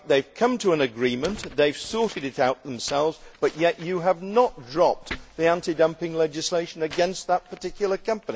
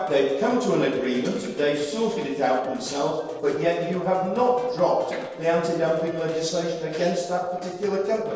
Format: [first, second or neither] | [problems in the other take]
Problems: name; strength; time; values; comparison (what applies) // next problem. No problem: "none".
first | noise reduction (neural separator model SepFormer DNS4)